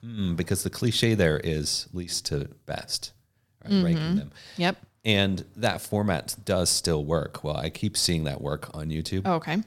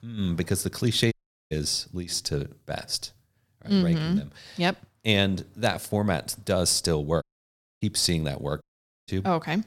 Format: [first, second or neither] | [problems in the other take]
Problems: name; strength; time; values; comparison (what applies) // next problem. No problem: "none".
first | audio cutting out; at 1 s, at 7 s for 0.5 s and at 8.5 s